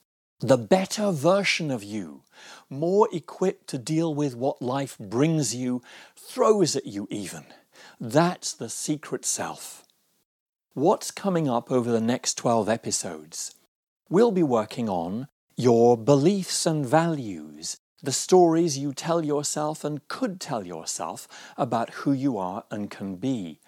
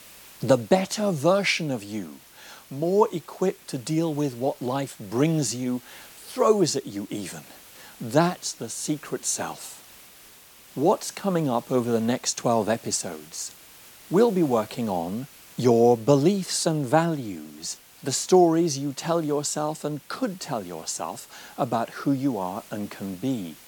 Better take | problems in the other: first | hiss; faint; throughout; 20 dB below the speech

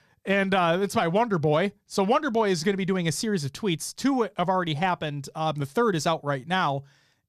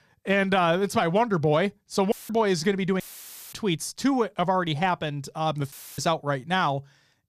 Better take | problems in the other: first | audio cutting out; filled with static; at 2 s, at 3 s for 0.5 s and at 5.5 s

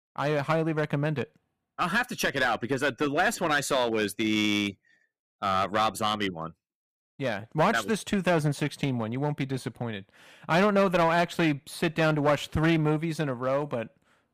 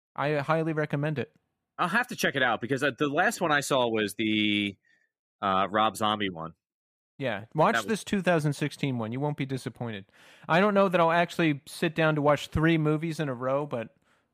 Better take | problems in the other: second | distortion; slight; 5% of the sound clipped

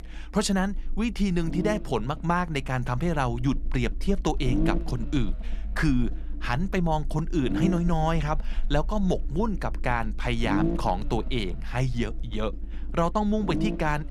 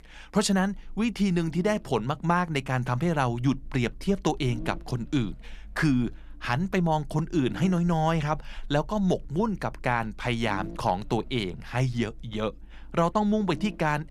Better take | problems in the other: second | low rumble; loud; throughout; 7 dB below the speech; faint in the second

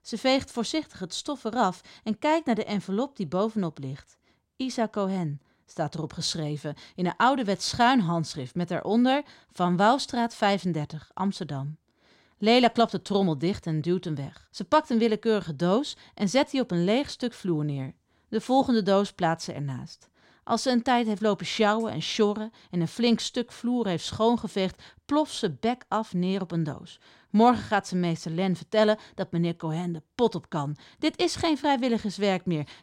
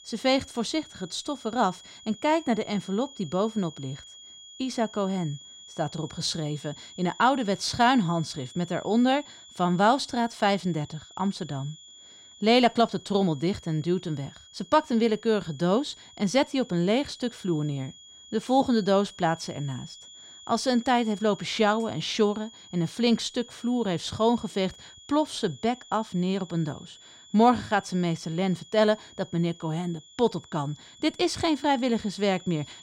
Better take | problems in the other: first | high-pitched whine; noticeable; throughout; 3.5 kHz, 20 dB below the speech

